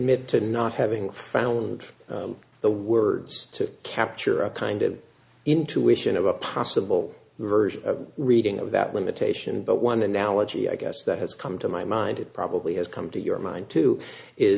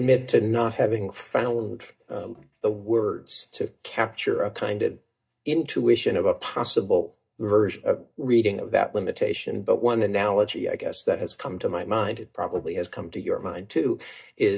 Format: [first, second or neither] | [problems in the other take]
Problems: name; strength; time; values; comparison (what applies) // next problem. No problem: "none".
first | noise reduction (neural mask model DeepFilterNet 3)